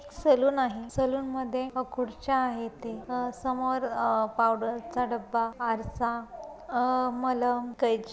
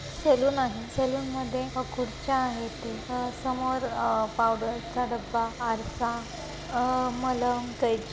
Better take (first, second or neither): first